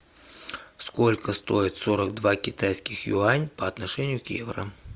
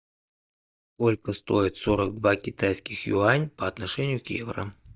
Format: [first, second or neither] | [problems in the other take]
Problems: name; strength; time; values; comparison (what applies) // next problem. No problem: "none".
first | noise reduction (neural mask model DeepFilterNet 3)